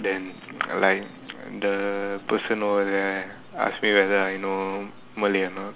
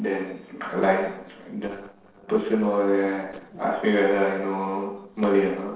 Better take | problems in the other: first | noise reduction (neural separator model SepFormer DNS4)

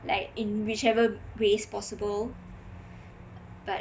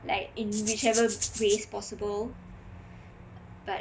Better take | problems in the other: first | background sound (Rattle (instrument)); 3 dB below the speech

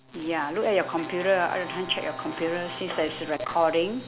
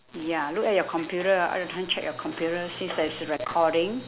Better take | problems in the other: second | background sound (Brass instrument); 15 dB below the speech

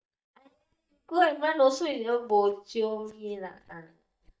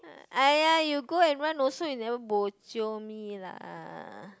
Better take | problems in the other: second | noise reduction (neural mask model DeepFilterNet 3)

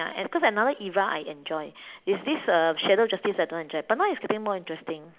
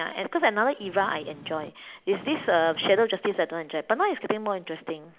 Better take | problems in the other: first | background sound (Purr); 19 dB below the speech

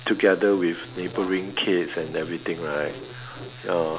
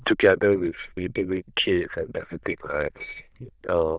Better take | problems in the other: first | noise reduction (neural diffusion model UNIVERSE++)

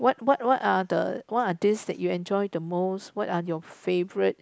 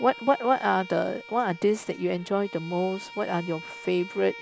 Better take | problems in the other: first | background sound (Bowed string instrument); 17 dB below the speech

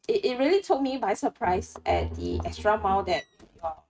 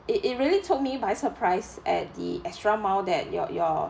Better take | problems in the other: second | noise reduction (neural mask model RNNoise)

